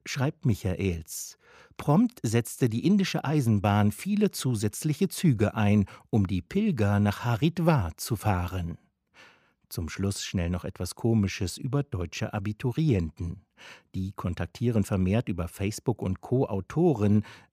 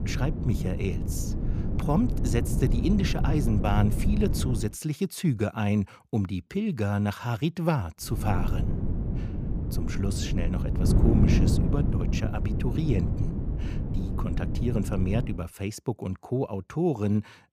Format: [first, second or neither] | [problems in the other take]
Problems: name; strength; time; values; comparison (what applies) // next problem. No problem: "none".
first | wind noise on the microphone; heavy; until 4.5 s and from 8 to 15 s; 5 dB below the speech